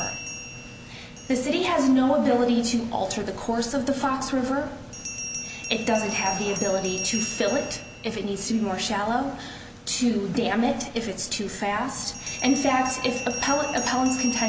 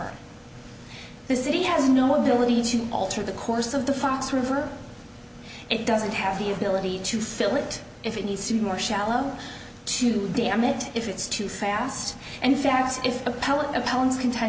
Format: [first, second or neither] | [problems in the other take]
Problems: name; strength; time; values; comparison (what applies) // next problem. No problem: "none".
second | background sound (Bell); 12 dB below the speech